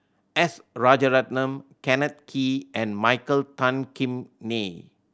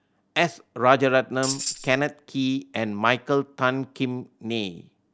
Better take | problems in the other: first | background sound (Tambourine); 6 dB below the speech

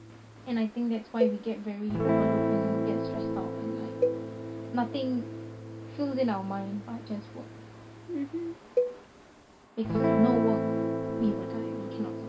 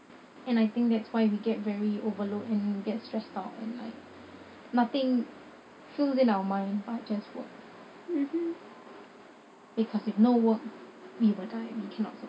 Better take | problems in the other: second | background sound (Guitar + Cowbell); 2 dB above the speech

